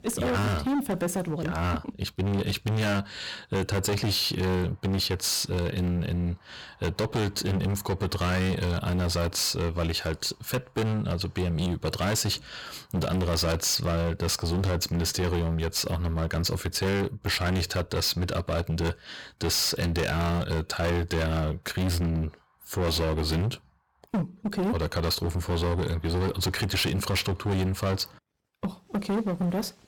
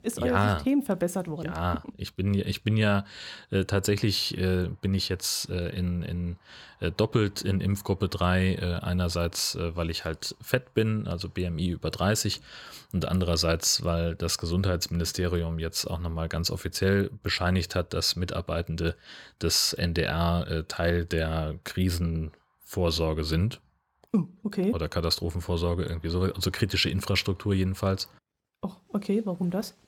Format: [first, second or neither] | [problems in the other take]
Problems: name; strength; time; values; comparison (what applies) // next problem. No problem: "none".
second | distortion; heavy; 25% of the sound clipped